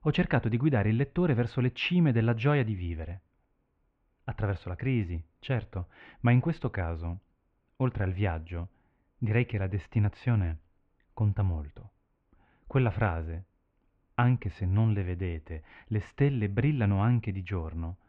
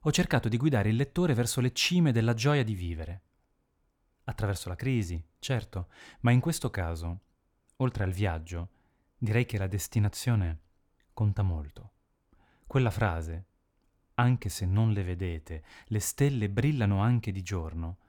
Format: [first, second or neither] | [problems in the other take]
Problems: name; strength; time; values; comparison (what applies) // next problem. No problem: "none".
second | muffled; very; fading above 2.5 kHz